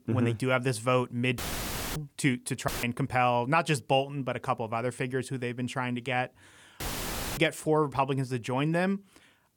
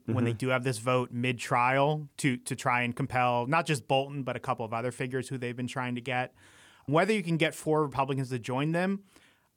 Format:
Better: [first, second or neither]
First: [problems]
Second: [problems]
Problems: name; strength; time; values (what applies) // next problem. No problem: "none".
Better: second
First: audio cutting out; filled with static; at 1.5 s for 0.5 s, at 2.5 s and at 7 s for 0.5 s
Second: none